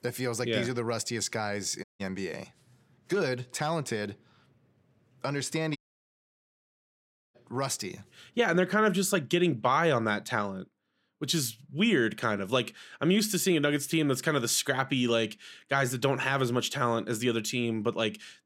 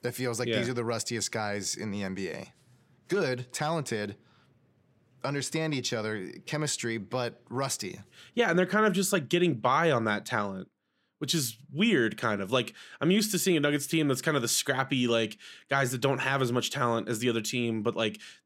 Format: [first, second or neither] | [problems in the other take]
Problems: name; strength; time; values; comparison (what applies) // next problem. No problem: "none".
second | audio cutting out; at 2 s and at 6 s for 1.5 s